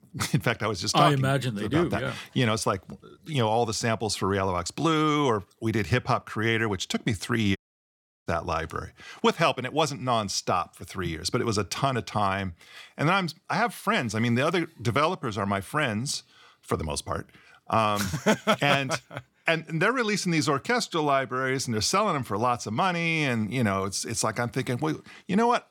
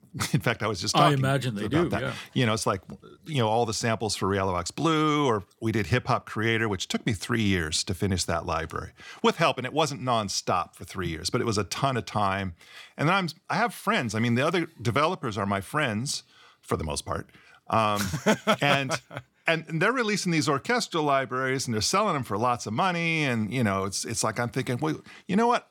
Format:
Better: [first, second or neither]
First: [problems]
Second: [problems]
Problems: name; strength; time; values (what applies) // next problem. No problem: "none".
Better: second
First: audio cutting out; at 7.5 s for 0.5 s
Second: none